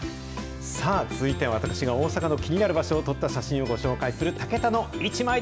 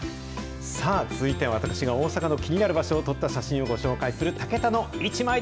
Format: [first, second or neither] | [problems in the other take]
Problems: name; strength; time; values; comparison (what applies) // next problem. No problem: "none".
second | background sound (Bowed string instrument); 18 dB below the speech